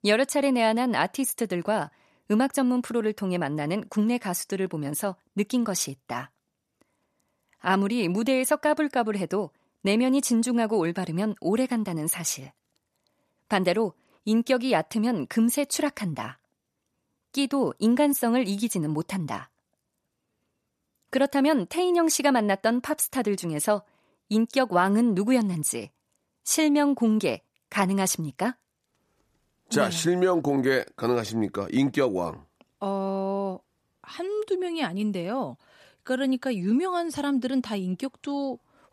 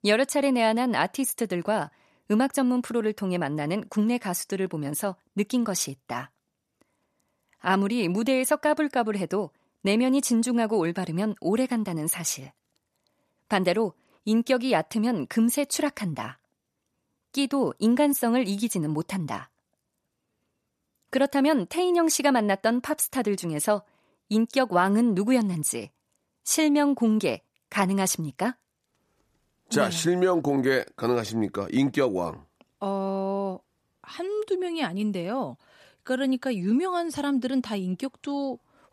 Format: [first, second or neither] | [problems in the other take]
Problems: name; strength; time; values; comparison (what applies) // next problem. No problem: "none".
neither | none